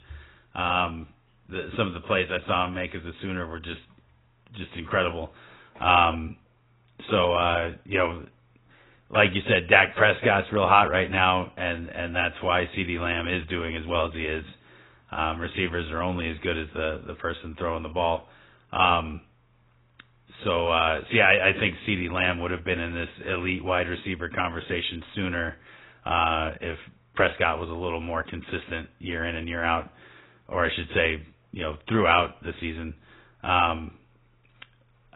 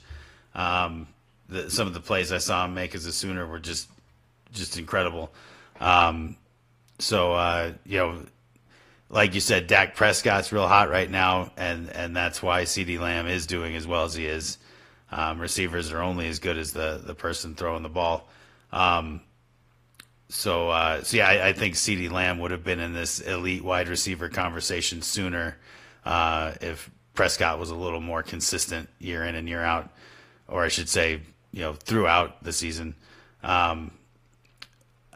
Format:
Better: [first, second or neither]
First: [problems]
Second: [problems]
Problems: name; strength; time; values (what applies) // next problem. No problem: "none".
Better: second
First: garbled, watery; badly; nothing above 3.5 kHz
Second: garbled, watery; slightly; nothing above 15 kHz